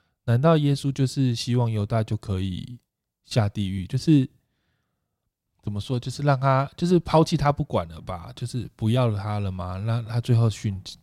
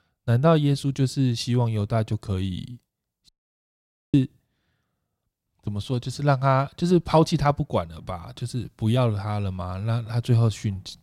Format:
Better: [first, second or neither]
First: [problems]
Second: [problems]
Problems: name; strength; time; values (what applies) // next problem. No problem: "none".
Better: first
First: none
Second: audio cutting out; at 3.5 s for 1 s